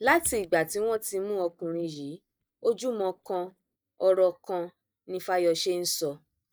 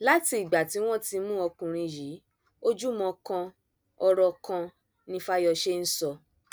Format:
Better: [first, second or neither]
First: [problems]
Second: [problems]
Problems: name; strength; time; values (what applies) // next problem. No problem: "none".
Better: second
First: noise reduction (neural mask model DeepFilterNet 3)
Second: none